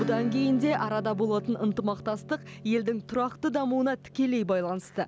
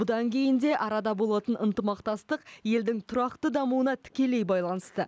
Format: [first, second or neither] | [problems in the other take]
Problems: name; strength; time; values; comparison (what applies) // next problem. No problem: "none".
second | background sound (Acoustic guitar / Strum); 12 dB below the speech